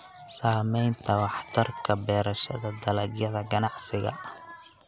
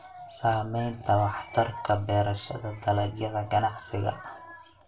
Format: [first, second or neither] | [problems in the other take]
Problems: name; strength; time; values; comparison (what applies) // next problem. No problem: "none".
first | room echo; dies away in 0.2 s